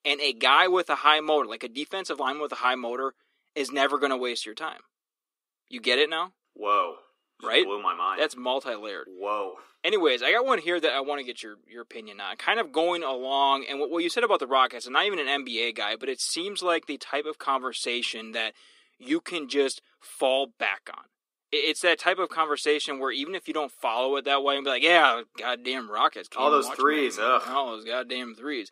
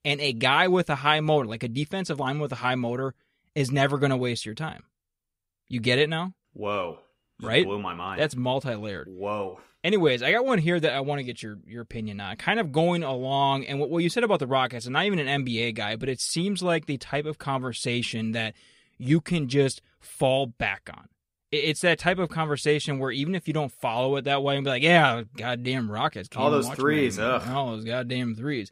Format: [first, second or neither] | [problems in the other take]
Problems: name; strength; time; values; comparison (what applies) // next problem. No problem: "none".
second | thin; somewhat; fading below 300 Hz